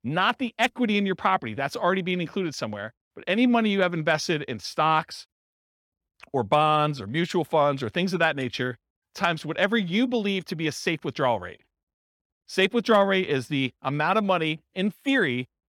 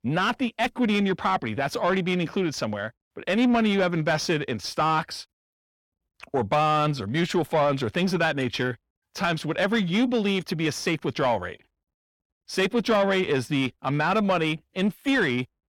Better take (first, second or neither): first